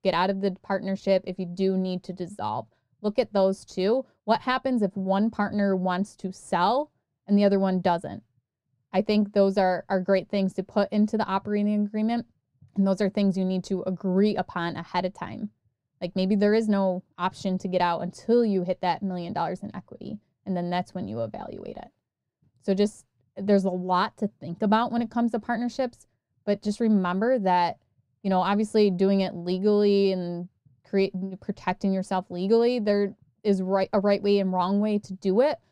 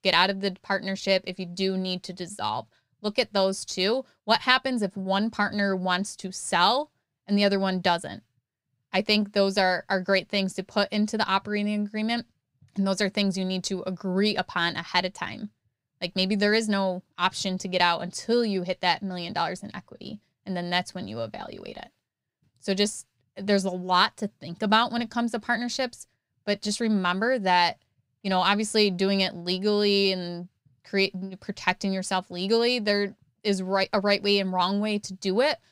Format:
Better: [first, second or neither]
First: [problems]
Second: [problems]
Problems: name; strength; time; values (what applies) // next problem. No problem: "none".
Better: second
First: muffled; slightly; fading above 1.5 kHz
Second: none